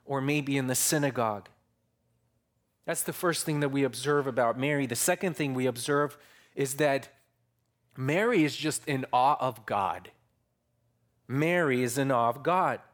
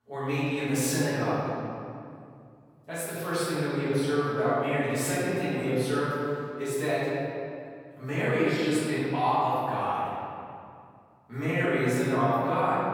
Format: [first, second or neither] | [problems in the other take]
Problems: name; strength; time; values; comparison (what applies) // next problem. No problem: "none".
first | room echo; strong; dies away in 2.3 s // off-mic speech; far